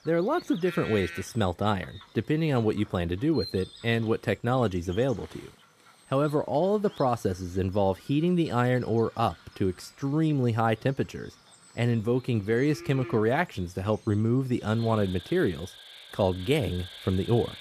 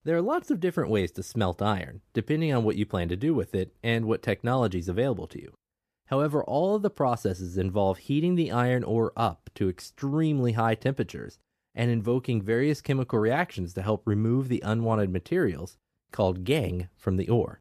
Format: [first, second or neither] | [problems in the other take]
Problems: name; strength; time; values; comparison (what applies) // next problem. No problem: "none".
second | animal sounds; noticeable; throughout; 20 dB below the speech